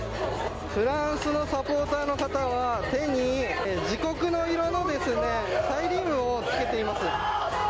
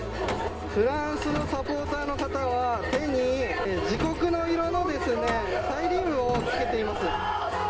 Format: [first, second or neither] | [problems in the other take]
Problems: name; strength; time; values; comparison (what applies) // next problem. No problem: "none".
first | background sound (Truck); 12 dB below the speech // room echo; dies away in 0.3 s